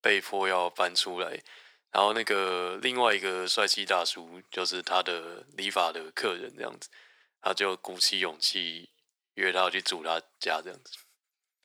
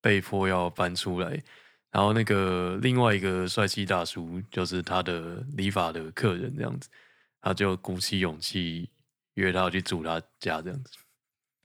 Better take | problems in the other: second | thin; very; fading below 400 Hz

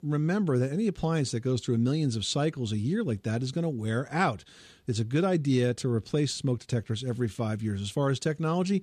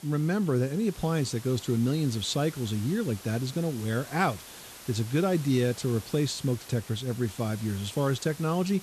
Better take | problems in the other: first | hiss; noticeable; throughout; 15 dB below the speech

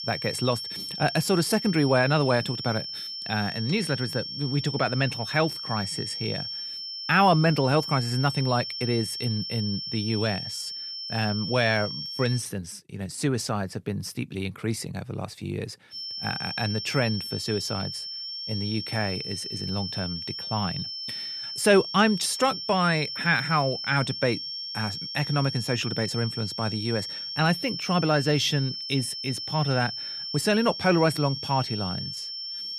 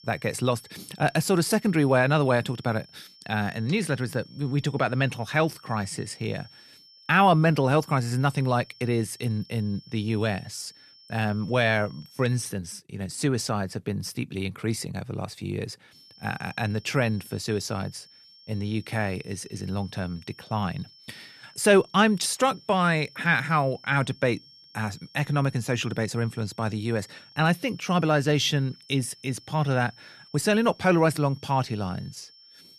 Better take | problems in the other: second | high-pitched whine; loud; until 12 s and from 16 s on; 5.5 kHz, 5 dB below the speech; faint in the second

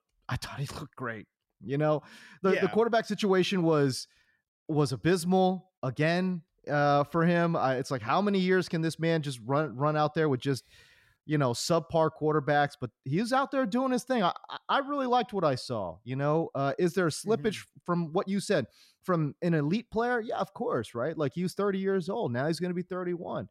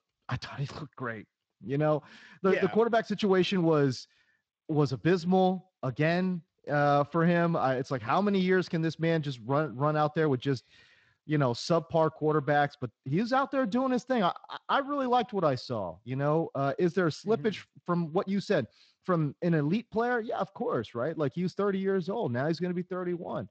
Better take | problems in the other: first | garbled, watery; slightly; nothing above 7.5 kHz

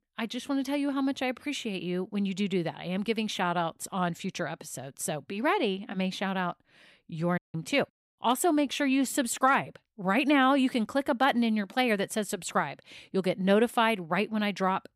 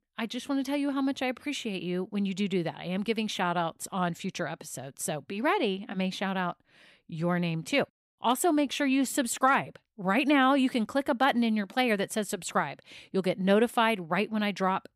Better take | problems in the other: second | audio cutting out; at 7.5 s

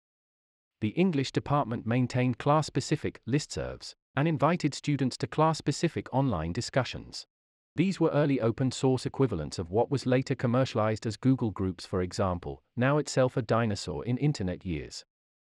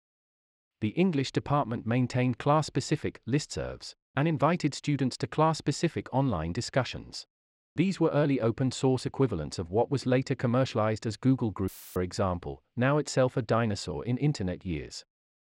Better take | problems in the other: first | audio cutting out; filled with static; at 12 s

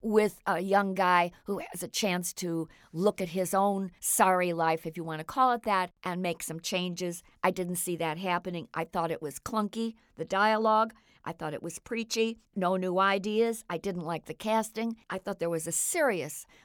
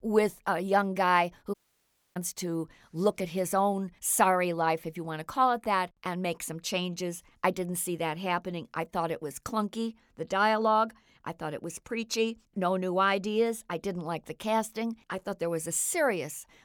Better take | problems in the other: first | audio cutting out; at 1.5 s for 0.5 s

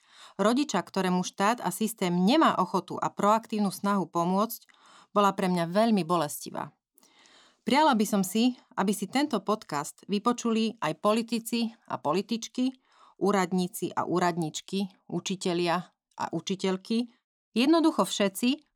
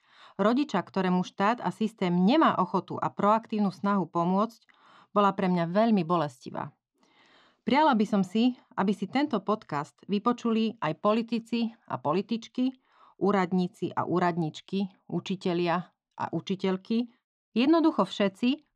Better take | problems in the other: first | muffled; slightly; fading above 3 kHz

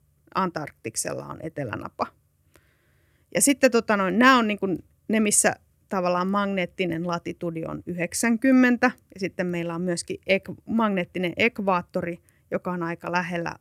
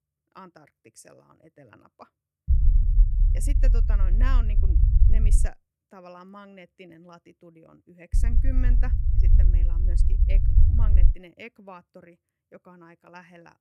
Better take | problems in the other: first | low rumble; loud; from 2.5 to 5.5 s and from 8 to 11 s; as loud as the speech

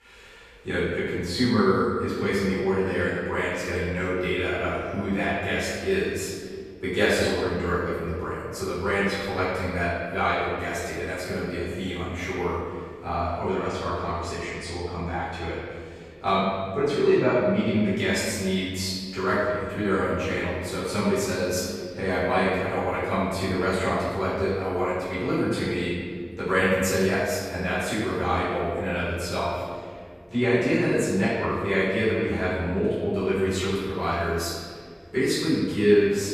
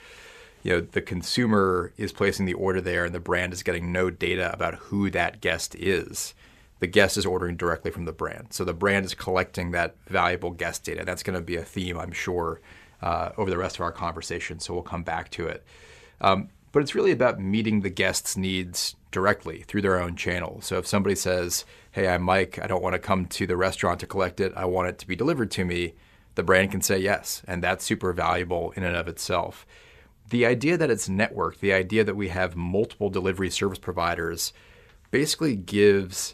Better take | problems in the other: second | room echo; strong; dies away in 1.8 s // off-mic speech; far

